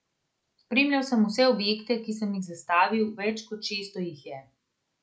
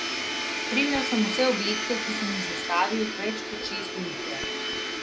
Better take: first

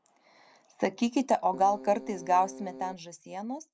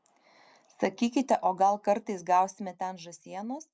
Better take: second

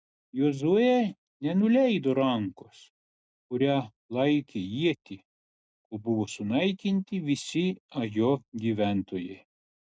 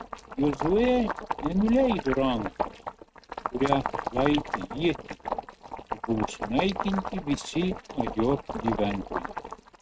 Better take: first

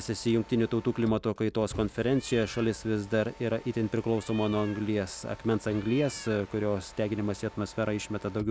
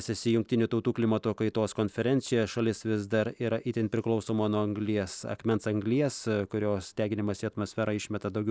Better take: second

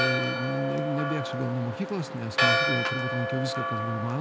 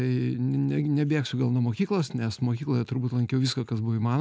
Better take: second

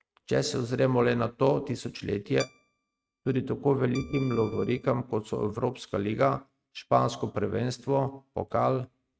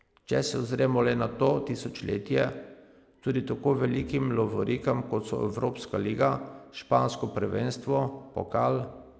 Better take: second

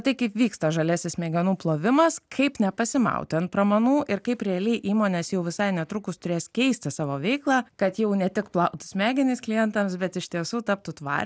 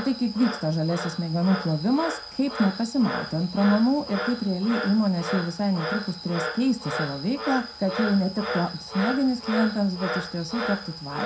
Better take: first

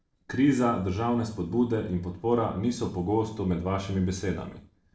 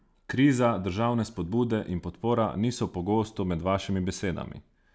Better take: second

